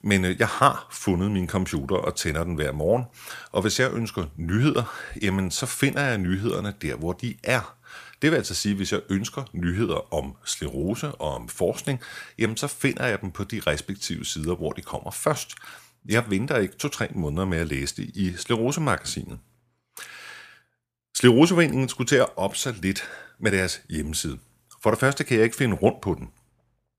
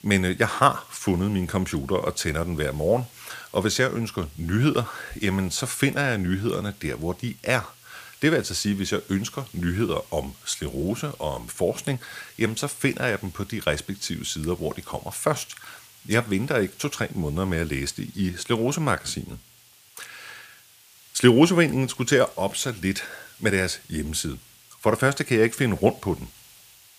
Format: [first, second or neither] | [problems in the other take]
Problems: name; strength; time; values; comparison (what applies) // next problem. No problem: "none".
first | hiss; faint; throughout; 25 dB below the speech